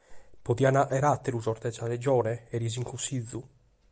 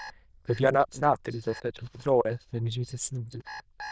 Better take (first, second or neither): first